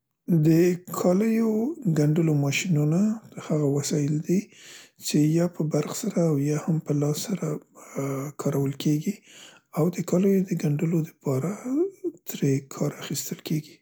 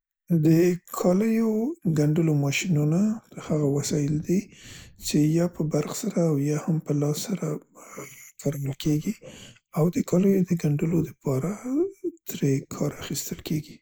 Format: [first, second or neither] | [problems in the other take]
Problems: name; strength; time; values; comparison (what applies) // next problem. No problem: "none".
first | noise reduction (neural mask model Resemble Enhance denoiser)